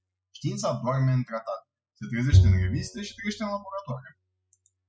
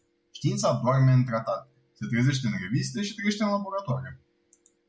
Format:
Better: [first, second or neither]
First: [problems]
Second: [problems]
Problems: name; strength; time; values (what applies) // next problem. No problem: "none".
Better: second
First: noise reduction (classical method spectral subtraction)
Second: none